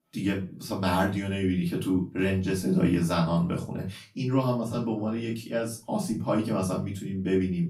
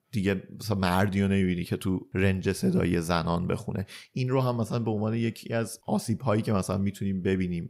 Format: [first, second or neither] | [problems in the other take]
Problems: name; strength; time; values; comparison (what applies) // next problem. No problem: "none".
second | off-mic speech; far // room echo; very slight; dies away in 0.3 s